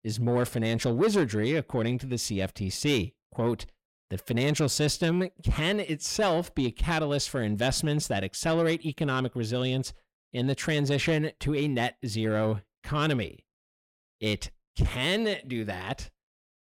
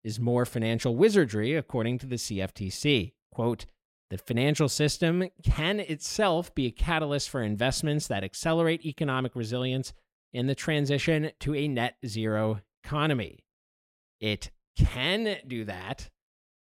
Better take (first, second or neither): second